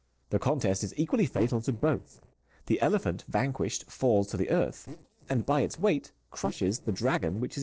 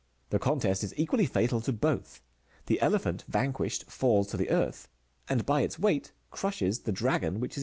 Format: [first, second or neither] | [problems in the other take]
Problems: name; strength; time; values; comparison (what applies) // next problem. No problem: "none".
second | noise reduction (neural separator model SepFormer DNS4)